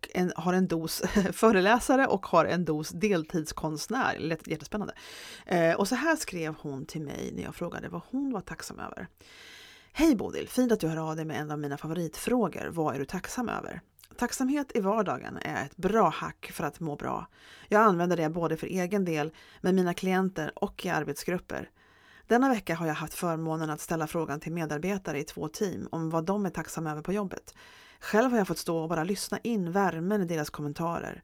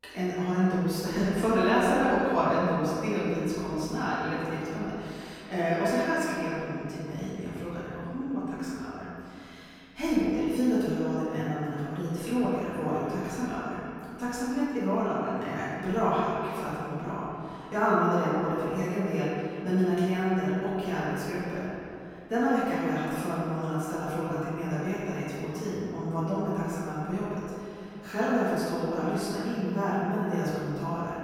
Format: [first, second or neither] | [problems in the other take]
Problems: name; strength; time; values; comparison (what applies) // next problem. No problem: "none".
first | room echo; strong; dies away in 2.6 s // off-mic speech; far